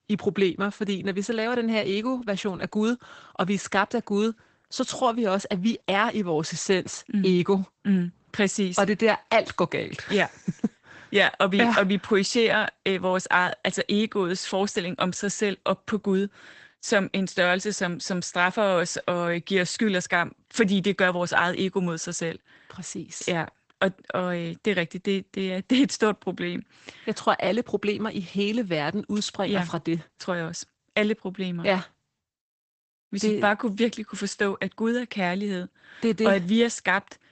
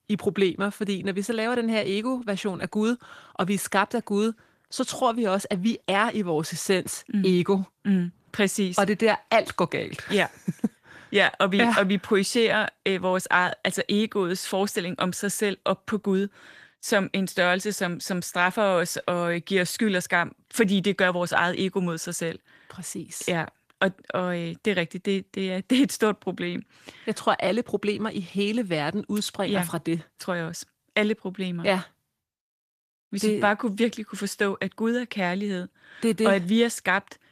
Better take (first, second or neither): second